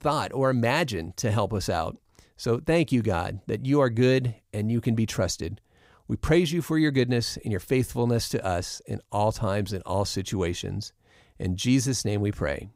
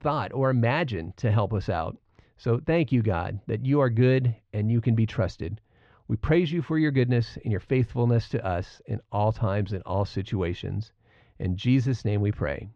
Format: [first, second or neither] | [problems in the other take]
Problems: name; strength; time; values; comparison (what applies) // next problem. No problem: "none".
first | muffled; slightly; fading above 3 kHz